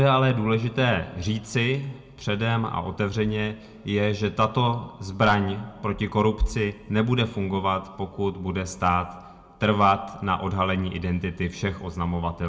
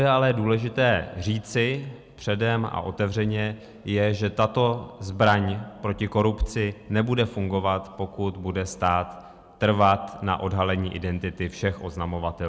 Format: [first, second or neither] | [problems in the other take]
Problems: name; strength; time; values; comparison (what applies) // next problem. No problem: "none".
second | room echo; dies away in 0.3 s